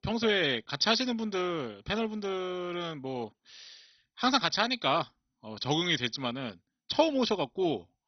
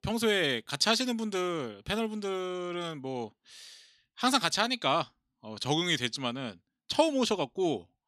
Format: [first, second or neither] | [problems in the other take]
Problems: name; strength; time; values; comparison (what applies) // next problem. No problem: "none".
second | garbled, watery; badly; nothing above 6 kHz